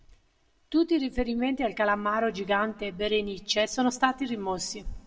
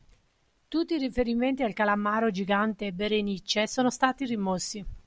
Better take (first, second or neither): second